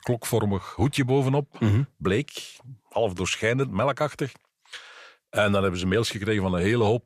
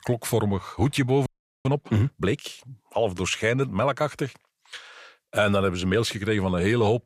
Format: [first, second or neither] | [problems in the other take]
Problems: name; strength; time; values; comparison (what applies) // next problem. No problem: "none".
first | audio freezing; at 1.5 s